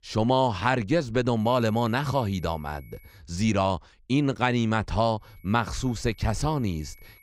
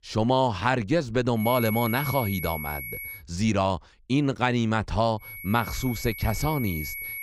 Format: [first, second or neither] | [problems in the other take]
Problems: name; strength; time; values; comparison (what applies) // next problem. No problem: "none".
first | high-pitched whine; loud; from 1.5 to 3 s and from 5 s on; 2 kHz, 8 dB below the speech; faint in the first